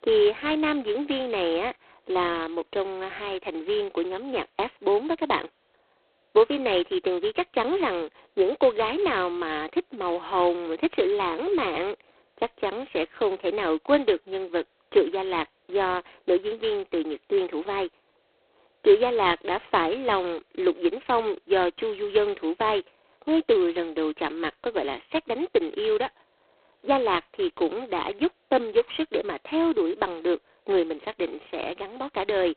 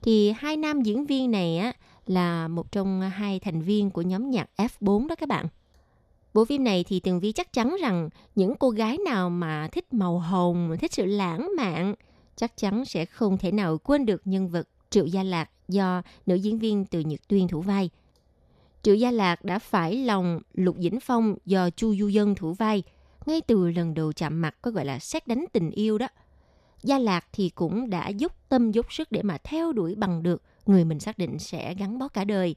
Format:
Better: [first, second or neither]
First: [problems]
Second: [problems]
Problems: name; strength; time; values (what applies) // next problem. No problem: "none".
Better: second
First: phone-call audio; poor line; nothing above 4 kHz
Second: none